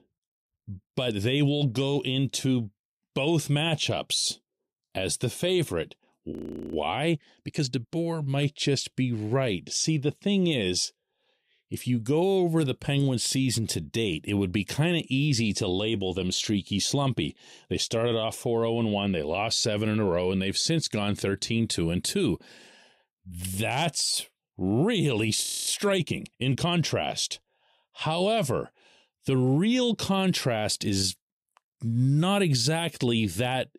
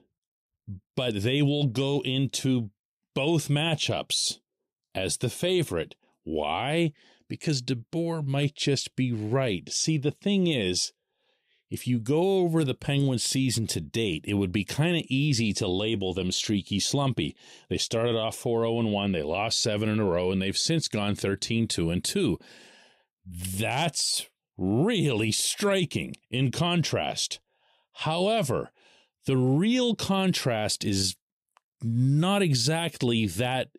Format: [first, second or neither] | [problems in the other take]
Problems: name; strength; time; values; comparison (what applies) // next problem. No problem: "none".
second | audio freezing; at 6.5 s and at 25 s